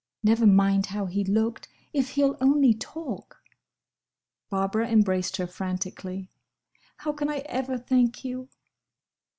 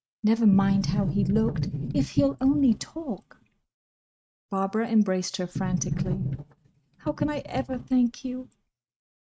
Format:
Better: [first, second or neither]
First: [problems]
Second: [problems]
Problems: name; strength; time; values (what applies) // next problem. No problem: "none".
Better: first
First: none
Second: noise reduction (neural mask model RNNoise)